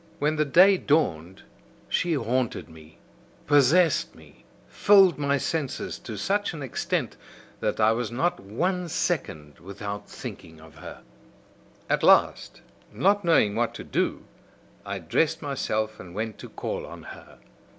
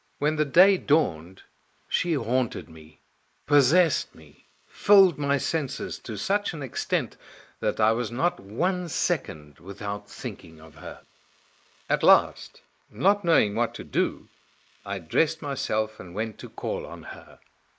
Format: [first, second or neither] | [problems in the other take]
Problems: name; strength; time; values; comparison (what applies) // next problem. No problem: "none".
first | noise reduction (neural mask model Resemble Enhance denoiser)